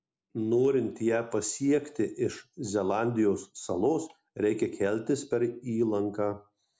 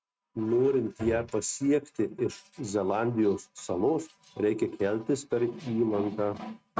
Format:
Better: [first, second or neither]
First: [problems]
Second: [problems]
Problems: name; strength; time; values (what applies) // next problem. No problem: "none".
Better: first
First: none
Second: noise reduction (neural mask model RNNoise)